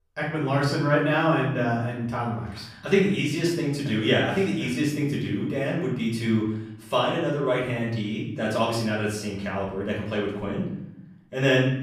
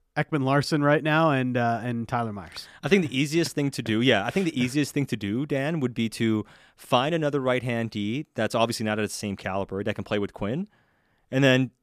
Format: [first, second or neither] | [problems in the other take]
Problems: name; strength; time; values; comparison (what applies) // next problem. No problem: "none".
second | off-mic speech; far // room echo; noticeable; dies away in 0.7 s